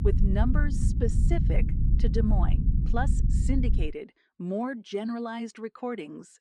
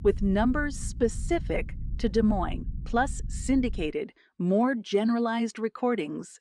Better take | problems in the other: second | low rumble; loud; until 4 s; 6 dB below the speech; faint in the second

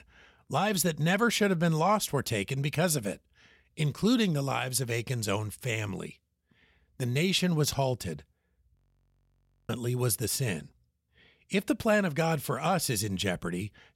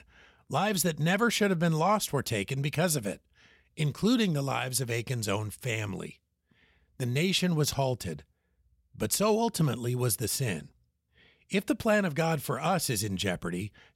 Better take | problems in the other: second | audio freezing; at 9 s for 1 s

